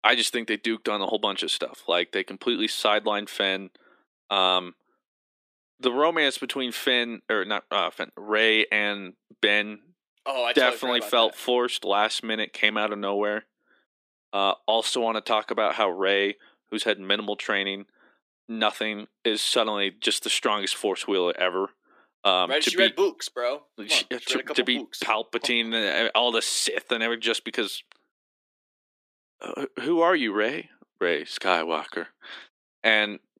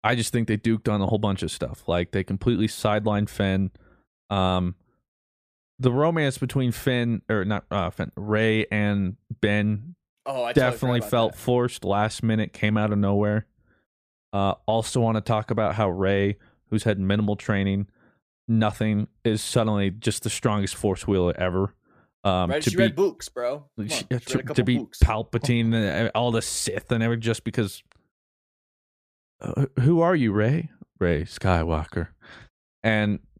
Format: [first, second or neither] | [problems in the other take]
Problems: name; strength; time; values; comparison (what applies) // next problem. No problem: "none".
second | thin; somewhat; fading below 300 Hz